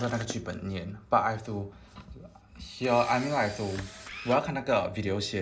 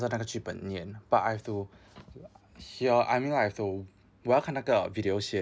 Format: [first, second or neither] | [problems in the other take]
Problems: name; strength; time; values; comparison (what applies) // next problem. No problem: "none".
second | background sound (Camera); 17 dB below the speech // room echo; dies away in 0.4 s